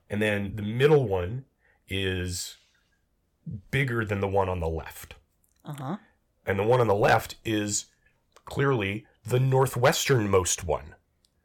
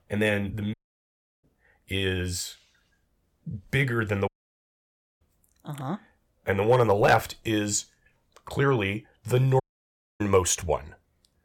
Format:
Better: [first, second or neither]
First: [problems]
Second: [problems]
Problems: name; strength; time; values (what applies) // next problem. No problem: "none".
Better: first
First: none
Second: audio cutting out; at 0.5 s for 0.5 s, at 4.5 s for 1 s and at 9.5 s for 0.5 s